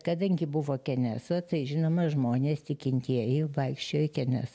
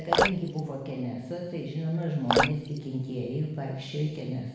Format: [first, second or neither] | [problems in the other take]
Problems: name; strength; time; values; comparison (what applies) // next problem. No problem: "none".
first | background sound (Drip); as loud as the speech // room echo; dies away in 0.9 s